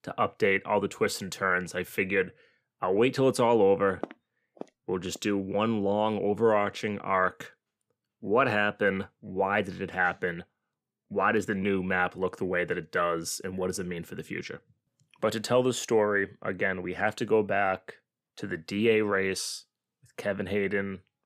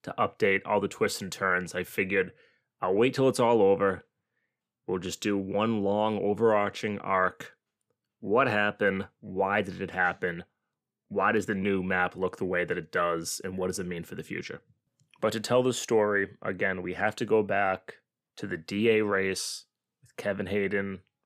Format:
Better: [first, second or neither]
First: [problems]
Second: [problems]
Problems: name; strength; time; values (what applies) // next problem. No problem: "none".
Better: second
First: footsteps; faint; from 4 to 5 s; peak 15 dB below the speech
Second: none